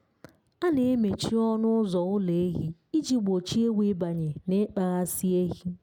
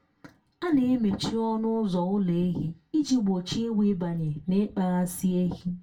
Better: first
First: none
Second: room echo; dies away in 0.2 s

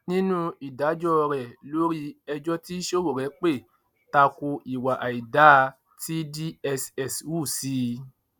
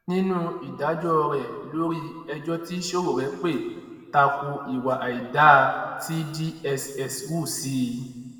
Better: first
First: none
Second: room echo; dies away in 1.6 s

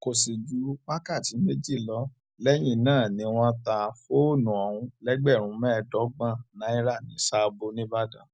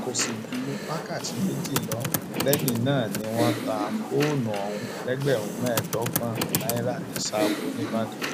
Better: first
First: none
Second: background sound (Computer keyboard); 1 dB below the speech

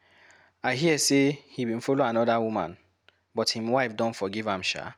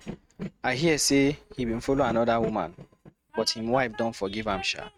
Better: first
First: none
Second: noise reduction (neural mask model RNNoise)

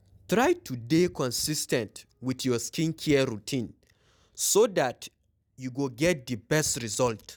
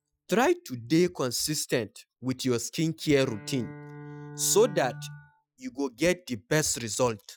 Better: first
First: none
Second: noise reduction (classical method Wiener filter)

